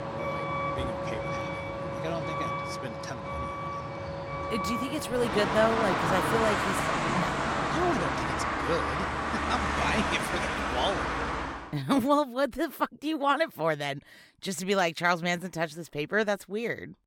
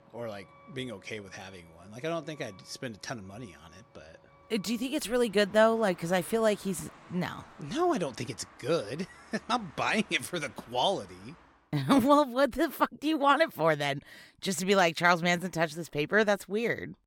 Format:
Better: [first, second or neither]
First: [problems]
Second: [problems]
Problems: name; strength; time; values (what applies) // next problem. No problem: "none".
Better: second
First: traffic noise; loud; until 12 s; as loud as the speech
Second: traffic noise; faint; until 12 s; 25 dB below the speech